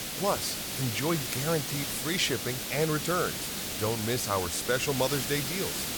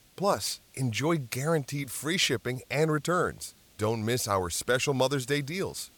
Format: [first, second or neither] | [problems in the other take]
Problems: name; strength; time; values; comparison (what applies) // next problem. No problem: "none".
second | hiss; loud; throughout; 2 dB below the speech; faint in the second